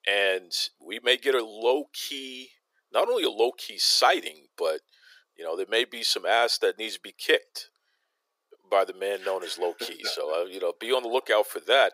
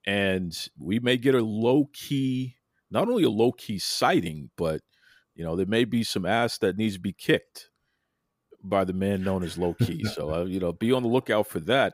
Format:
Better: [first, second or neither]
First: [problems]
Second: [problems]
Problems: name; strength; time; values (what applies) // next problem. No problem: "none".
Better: second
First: thin; very; fading below 400 Hz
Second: none